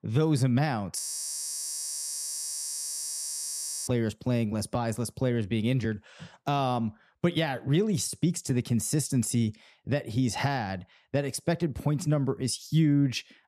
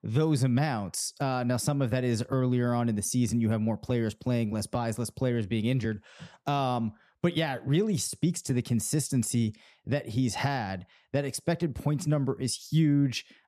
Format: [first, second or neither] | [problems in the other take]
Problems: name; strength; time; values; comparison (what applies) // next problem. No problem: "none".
second | audio freezing; at 1 s for 3 s